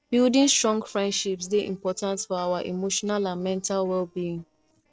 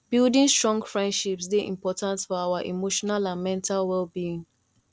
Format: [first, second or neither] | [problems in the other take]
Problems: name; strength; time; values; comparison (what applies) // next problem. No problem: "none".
second | noise reduction (neural separator model SepFormer DNS4)